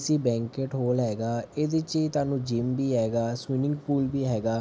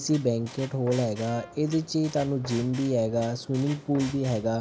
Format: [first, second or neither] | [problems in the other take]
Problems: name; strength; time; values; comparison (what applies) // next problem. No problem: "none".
first | background sound (Brass instrument + Squeak); 18 dB below the speech